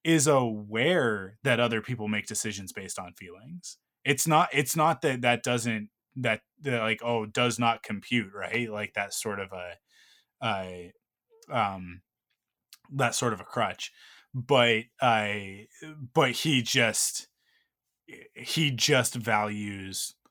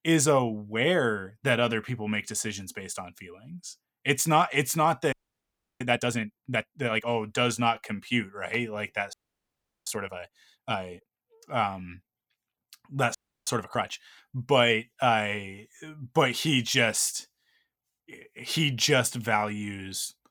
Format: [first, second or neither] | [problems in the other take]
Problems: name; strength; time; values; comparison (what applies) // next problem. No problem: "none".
first | audio freezing; at 5 s for 0.5 s, at 9 s for 0.5 s and at 13 s